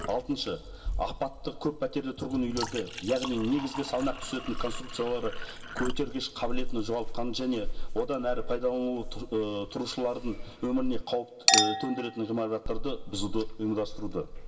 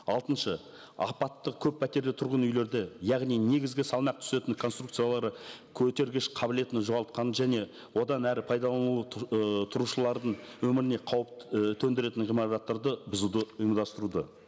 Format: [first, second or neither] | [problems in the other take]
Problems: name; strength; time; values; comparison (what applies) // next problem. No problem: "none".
second | background sound (Chink, clink); 1 dB below the speech // room echo; dies away in 0.2 s